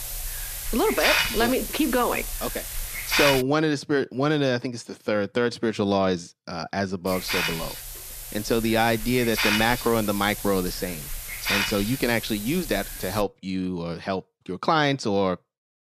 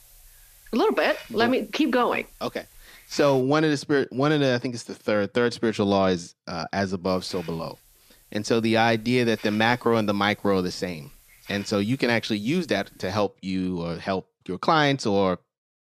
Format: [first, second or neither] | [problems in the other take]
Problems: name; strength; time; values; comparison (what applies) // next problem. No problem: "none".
second | hiss; loud; until 3.5 s and from 7 to 13 s; 3 dB below the speech; faint in the second